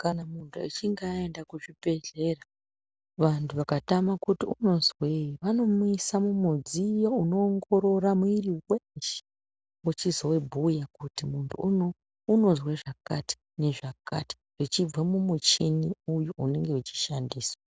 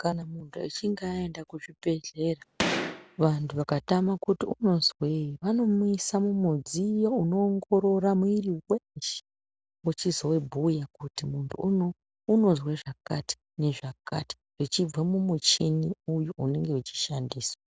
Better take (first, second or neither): first